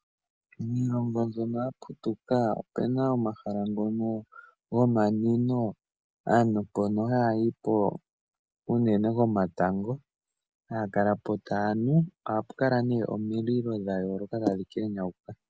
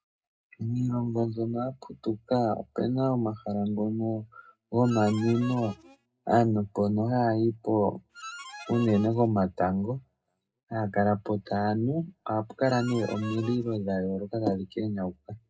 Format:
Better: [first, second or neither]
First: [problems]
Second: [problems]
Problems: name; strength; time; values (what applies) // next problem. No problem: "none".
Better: first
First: none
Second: background sound (Harmonica); 15 dB below the speech // room echo; dies away in 0.2 s